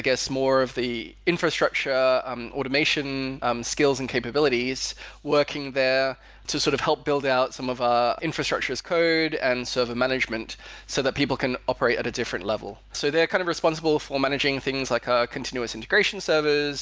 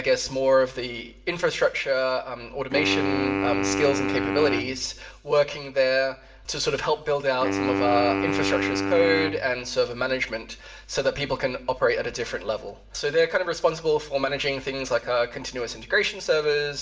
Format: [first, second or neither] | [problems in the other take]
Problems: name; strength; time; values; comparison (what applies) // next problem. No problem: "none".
first | background sound (Wind instrument, woodwind instrument); 3 dB below the speech // room echo; dies away in 0.6 s